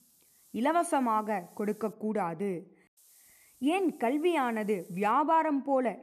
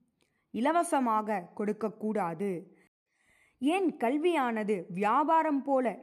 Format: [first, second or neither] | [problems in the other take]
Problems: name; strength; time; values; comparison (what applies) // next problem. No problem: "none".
second | hiss; faint; until 2 s and from 3 to 5 s; 30 dB below the speech